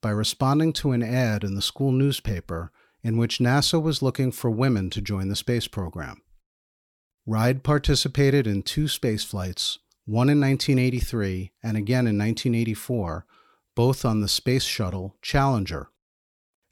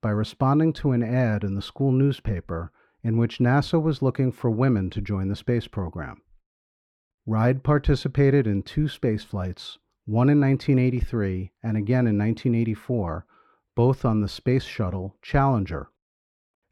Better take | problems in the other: first | muffled; very; fading above 3.5 kHz

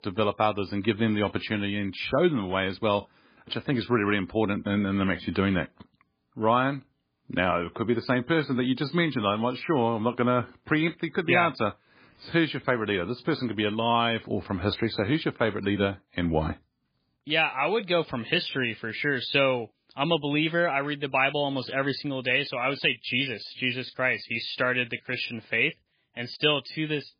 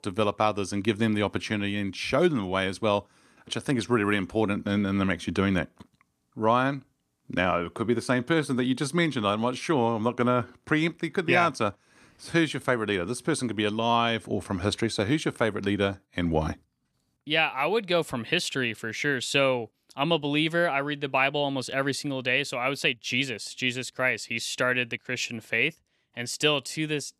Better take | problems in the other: second | garbled, watery; badly

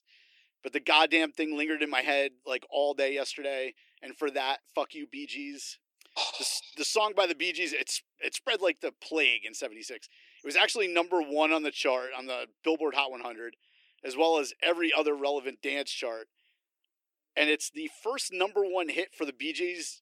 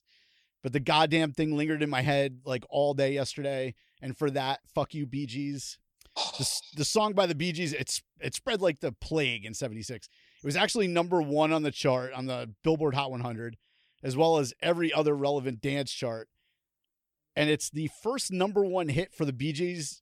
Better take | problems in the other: second | thin; somewhat; fading below 300 Hz

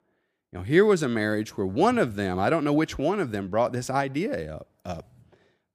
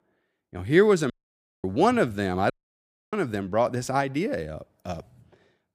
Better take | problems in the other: first | audio cutting out; at 1 s for 0.5 s and at 2.5 s for 0.5 s

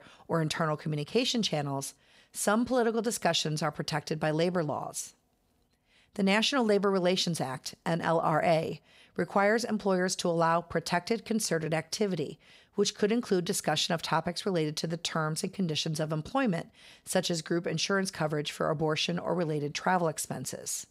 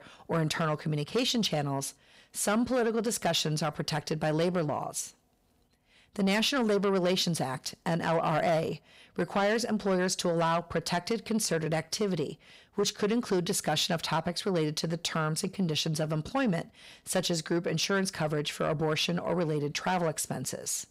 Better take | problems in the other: first | distortion; slight; 10 dB below the speech

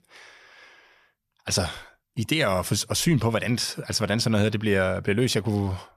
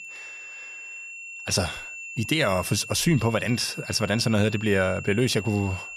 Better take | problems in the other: first | high-pitched whine; noticeable; throughout; 2.5 kHz, 10 dB below the speech

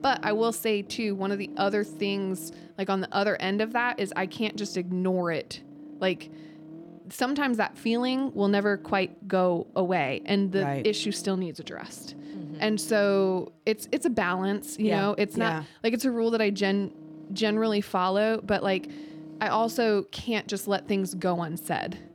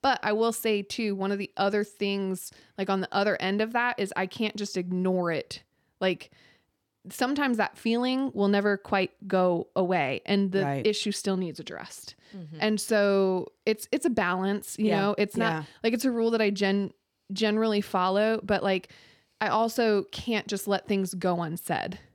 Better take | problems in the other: second | low rumble; faint; throughout; 20 dB below the speech

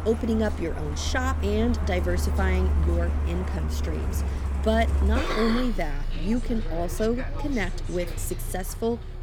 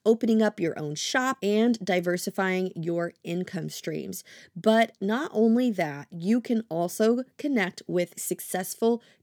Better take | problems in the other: second | traffic noise; loud; throughout; as loud as the speech

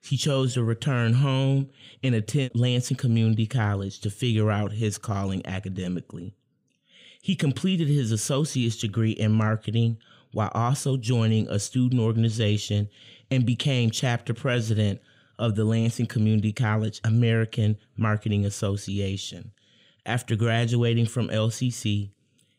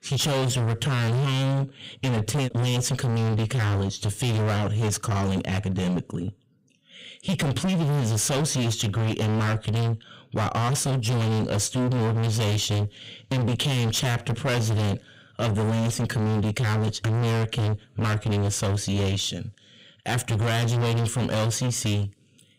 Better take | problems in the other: first | distortion; heavy; 37% of the sound clipped

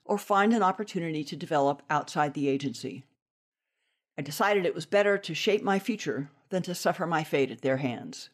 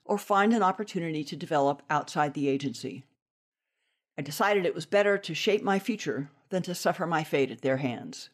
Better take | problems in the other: neither | none

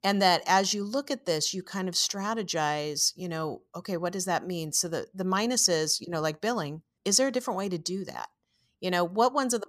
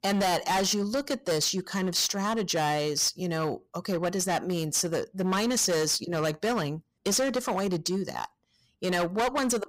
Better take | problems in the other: first | distortion; heavy; 17% of the sound clipped

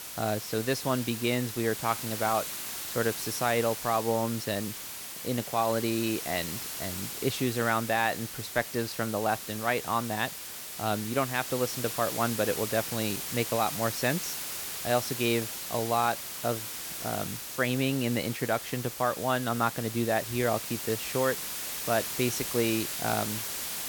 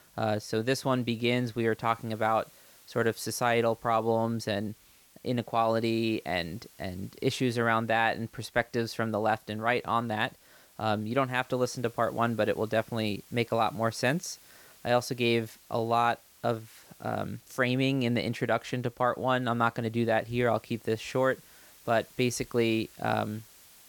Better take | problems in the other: second | hiss; loud; throughout; 5 dB below the speech; faint in the second

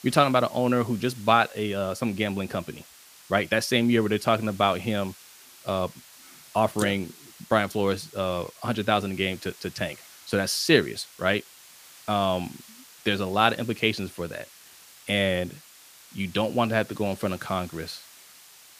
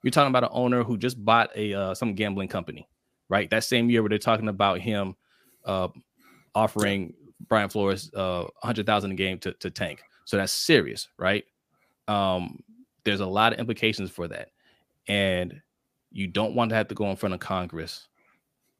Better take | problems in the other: second | hiss; faint; throughout; 20 dB below the speech

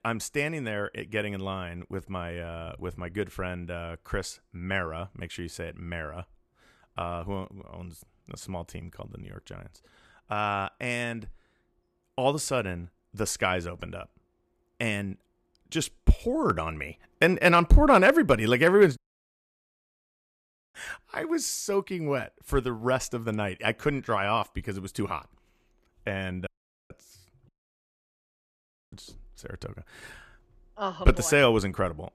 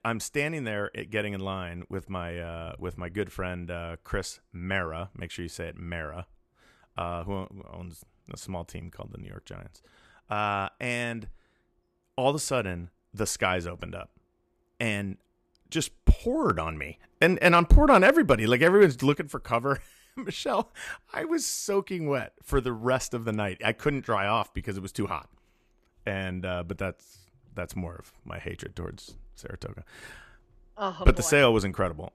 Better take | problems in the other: second | audio cutting out; at 19 s for 2 s, at 26 s and at 27 s for 1.5 s

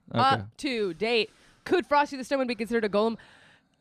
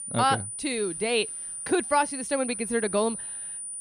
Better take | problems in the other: first | high-pitched whine; loud; throughout; 9.5 kHz, 6 dB below the speech

